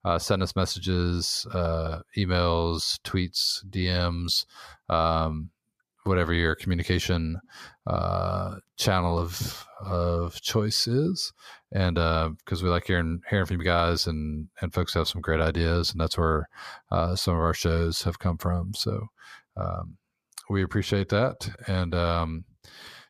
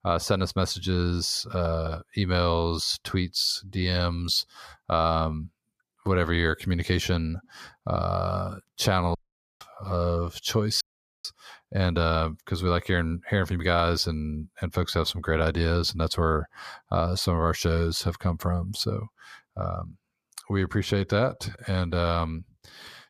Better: first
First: none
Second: audio cutting out; at 9 s and at 11 s

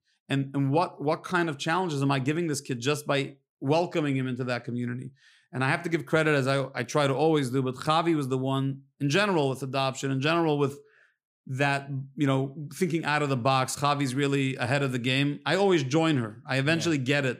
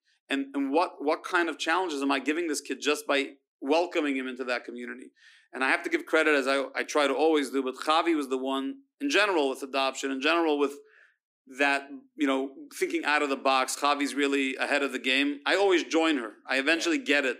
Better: first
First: none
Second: thin; very slightly; fading below 250 Hz

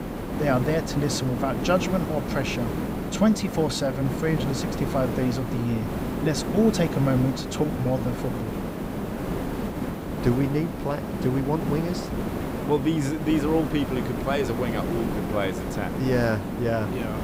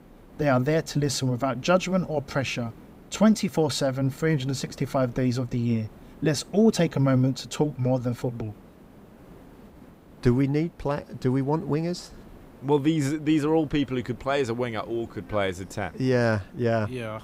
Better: second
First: hiss; loud; throughout; 4 dB below the speech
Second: hiss; faint; throughout; 25 dB below the speech

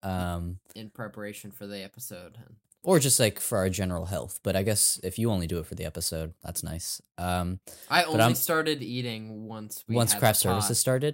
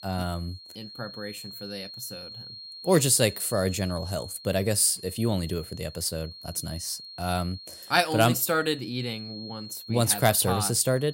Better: first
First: none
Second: high-pitched whine; noticeable; throughout; 4.5 kHz, 15 dB below the speech

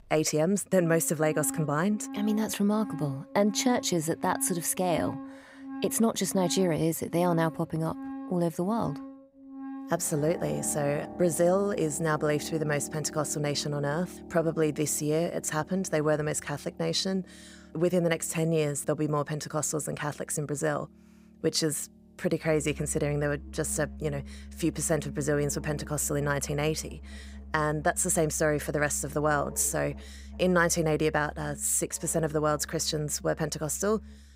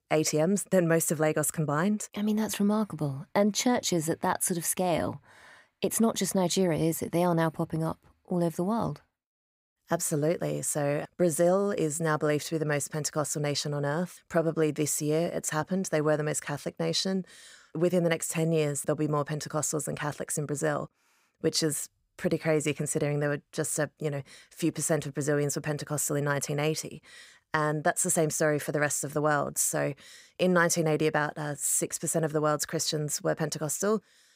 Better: second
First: background music; noticeable; throughout; 15 dB below the speech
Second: none

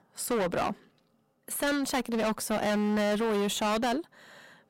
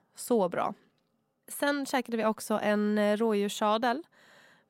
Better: second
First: distortion; heavy; 23% of the sound clipped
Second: none

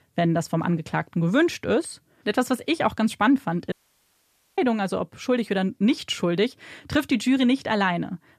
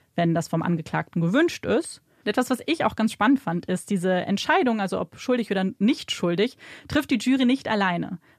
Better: second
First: audio cutting out; at 3.5 s for 1 s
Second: none

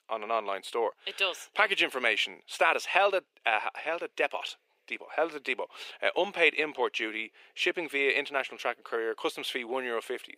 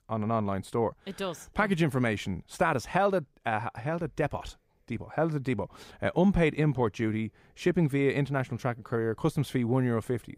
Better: second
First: thin; very; fading below 400 Hz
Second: none

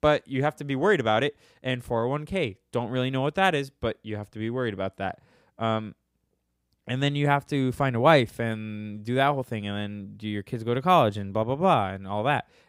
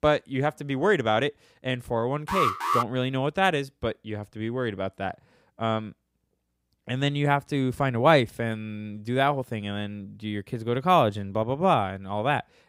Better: first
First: none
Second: alarm; loud; at 2.5 s; peak 2 dB above the speech

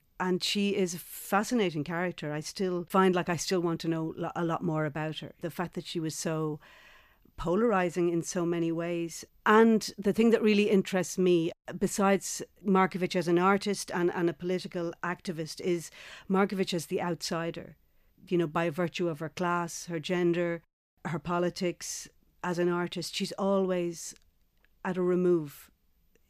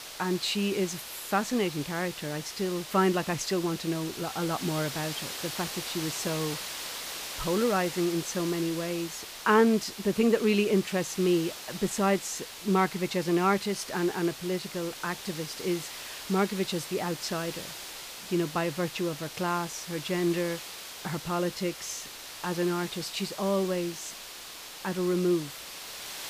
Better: first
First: none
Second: hiss; loud; throughout; 9 dB below the speech

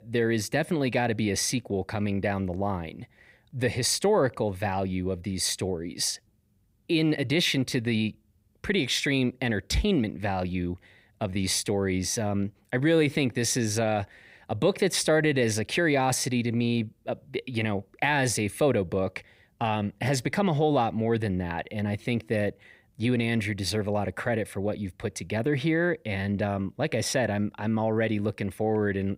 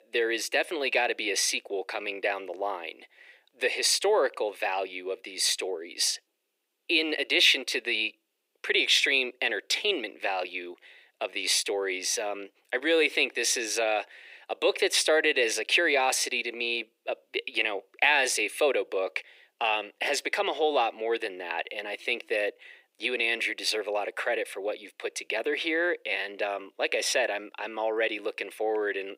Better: first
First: none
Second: thin; very; fading below 350 Hz

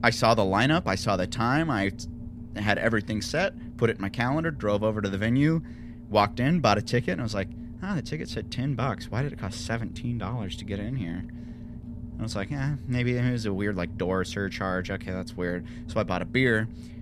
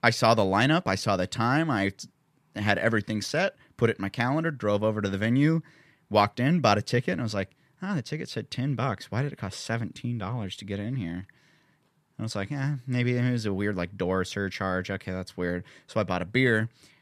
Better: second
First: low rumble; faint; throughout; 20 dB below the speech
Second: none

